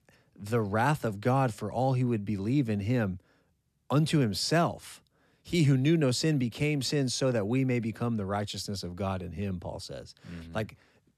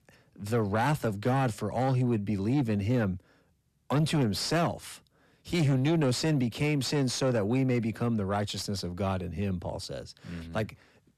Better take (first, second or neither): first